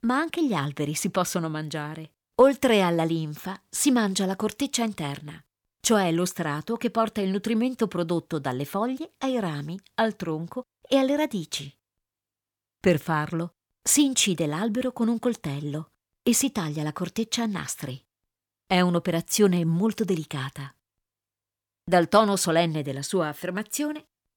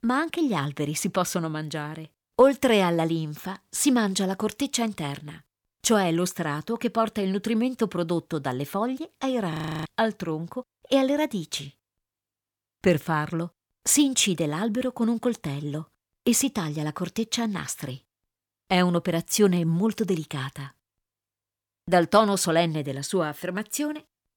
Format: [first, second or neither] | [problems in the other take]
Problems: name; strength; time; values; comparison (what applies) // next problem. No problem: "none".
first | audio freezing; at 9.5 s